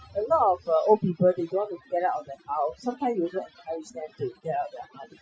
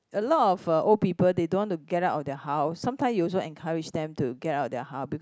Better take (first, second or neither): second